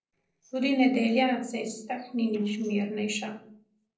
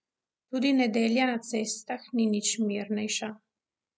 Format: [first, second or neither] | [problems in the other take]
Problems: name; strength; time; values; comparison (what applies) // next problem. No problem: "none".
second | noise reduction (neural separator model SepFormer DNS4)